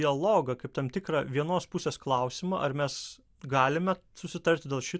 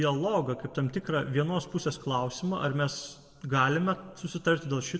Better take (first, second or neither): first